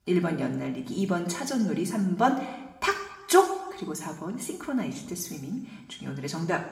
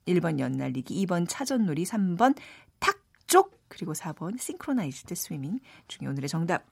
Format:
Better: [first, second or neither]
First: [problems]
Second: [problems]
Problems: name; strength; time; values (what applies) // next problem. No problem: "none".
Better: second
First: room echo; slight; dies away in 0.8 s // off-mic speech; somewhat distant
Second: none